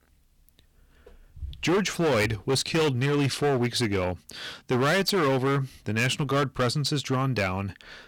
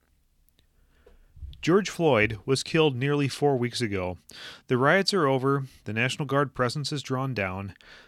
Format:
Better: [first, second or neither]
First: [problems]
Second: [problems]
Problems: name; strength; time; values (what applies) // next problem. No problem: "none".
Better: second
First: distortion; heavy; 13% of the sound clipped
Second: none